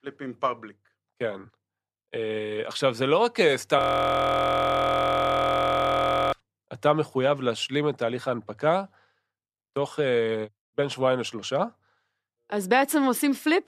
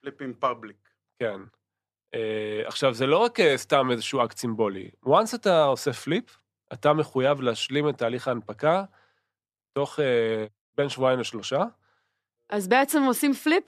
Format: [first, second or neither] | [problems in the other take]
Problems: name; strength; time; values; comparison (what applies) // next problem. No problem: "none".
second | audio freezing; at 4 s for 2.5 s